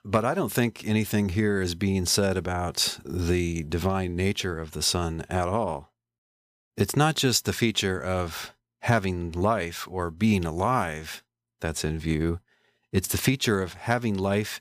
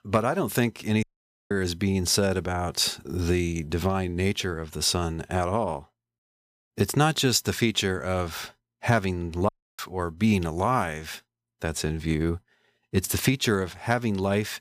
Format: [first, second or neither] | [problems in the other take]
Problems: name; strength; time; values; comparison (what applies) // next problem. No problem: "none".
first | audio cutting out; at 1 s and at 9.5 s